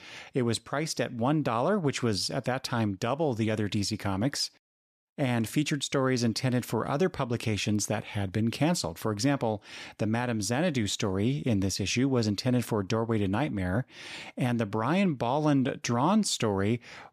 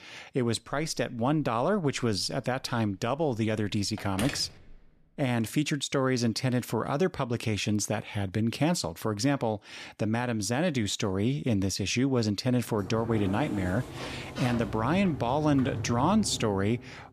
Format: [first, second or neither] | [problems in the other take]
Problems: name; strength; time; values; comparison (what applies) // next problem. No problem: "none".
first | phone ringing; noticeable; from 0.5 to 5 s; peak 7 dB below the speech // door banging; noticeable; from 13 s on; peak 7 dB below the speech